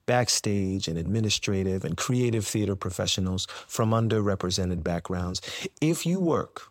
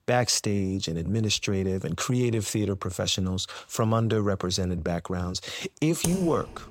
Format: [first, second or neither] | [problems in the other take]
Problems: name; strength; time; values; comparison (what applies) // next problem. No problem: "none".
first | keyboard typing; noticeable; at 6 s; peak 5 dB below the speech